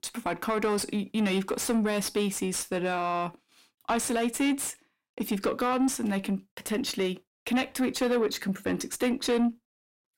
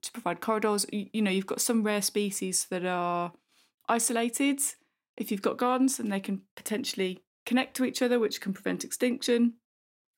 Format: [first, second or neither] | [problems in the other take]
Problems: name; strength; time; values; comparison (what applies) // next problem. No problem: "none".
second | distortion; slight; 9 dB below the speech